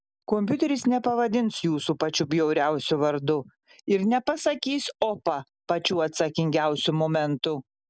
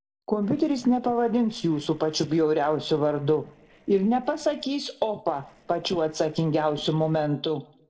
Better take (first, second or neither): first